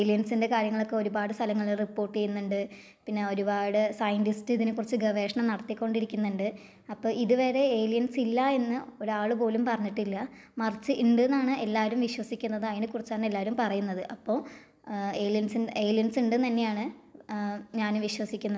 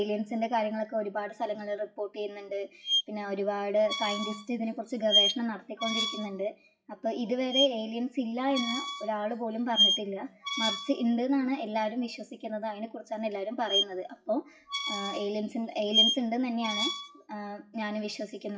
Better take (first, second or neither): first